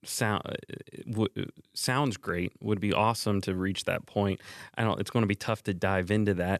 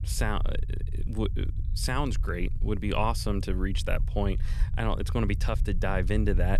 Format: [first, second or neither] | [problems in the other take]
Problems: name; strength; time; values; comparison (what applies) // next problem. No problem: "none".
first | low rumble; noticeable; throughout; 15 dB below the speech